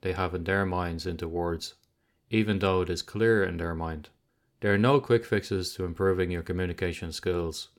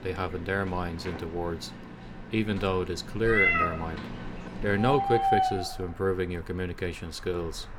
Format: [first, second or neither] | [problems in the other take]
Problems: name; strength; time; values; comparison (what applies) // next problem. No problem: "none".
first | animal sounds; very loud; throughout; 2 dB above the speech